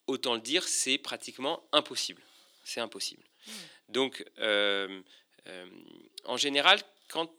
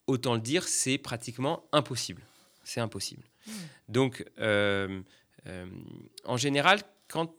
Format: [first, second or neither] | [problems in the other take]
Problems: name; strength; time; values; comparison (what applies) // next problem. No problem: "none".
second | thin; very slightly; fading below 300 Hz